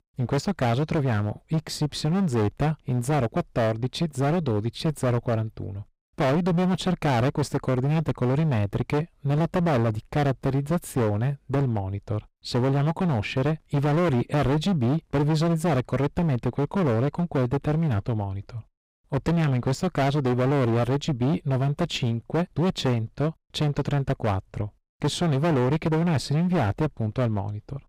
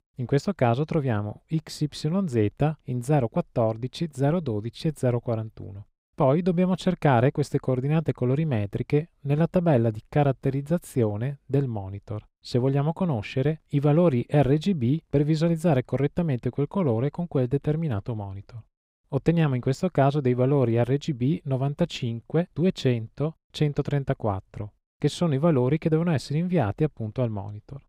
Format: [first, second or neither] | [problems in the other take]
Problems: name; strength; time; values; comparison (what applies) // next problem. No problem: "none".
second | distortion; heavy; 21% of the sound clipped